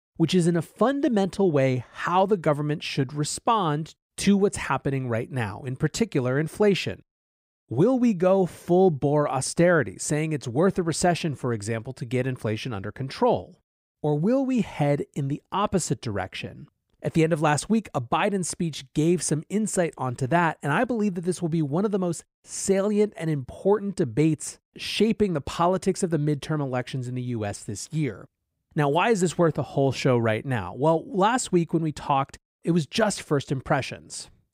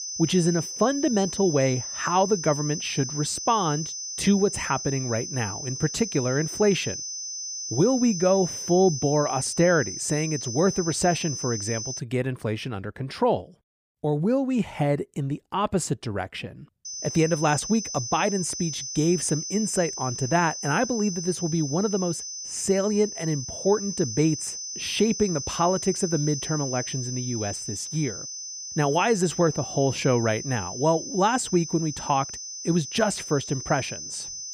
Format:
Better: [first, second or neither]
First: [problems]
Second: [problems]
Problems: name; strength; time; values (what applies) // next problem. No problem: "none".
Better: first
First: none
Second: high-pitched whine; loud; until 12 s and from 17 s on; 6 kHz, 6 dB below the speech